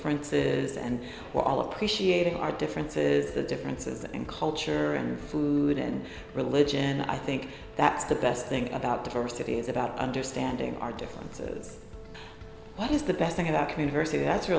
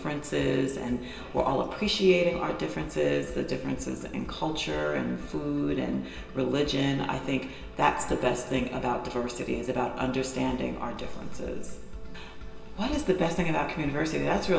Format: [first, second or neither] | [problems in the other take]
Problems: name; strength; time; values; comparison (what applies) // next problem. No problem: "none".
first | room echo; dies away in 0.2 s